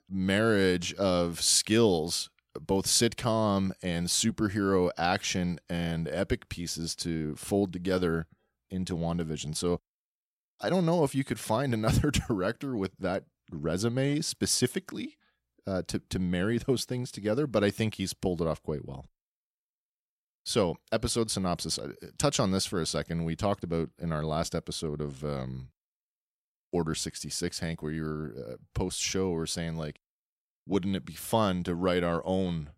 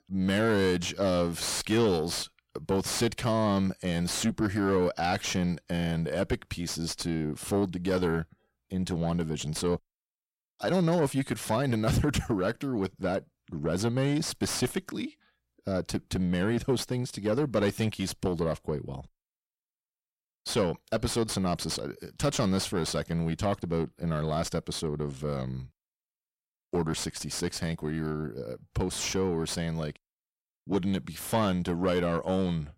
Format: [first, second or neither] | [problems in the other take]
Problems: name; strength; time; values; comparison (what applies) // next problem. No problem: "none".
first | distortion; slight; 9 dB below the speech